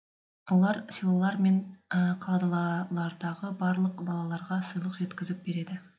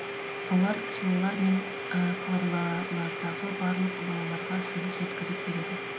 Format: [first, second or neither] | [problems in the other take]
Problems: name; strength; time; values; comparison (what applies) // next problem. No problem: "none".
first | background sound (Domestic sounds, home sounds); 5 dB below the speech